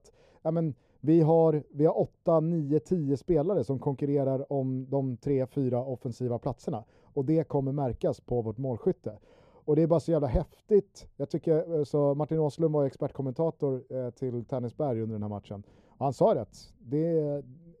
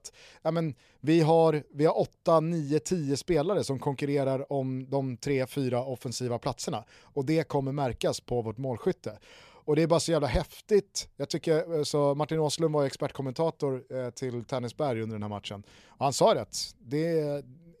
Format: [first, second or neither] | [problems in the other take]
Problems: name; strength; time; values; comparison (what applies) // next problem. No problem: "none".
second | muffled; very; fading above 1 kHz